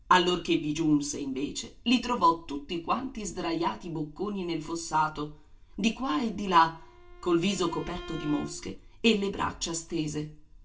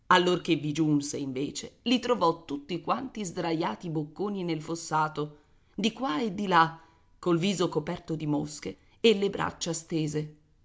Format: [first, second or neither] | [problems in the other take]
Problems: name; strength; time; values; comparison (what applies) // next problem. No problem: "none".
second | background sound (Bowed string instrument); 18 dB below the speech // room echo; dies away in 0.2 s